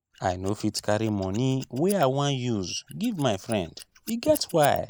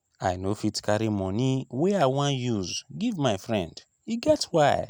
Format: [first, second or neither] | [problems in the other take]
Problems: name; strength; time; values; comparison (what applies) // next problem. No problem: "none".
second | noise reduction (neural mask model Resemble Enhance denoiser)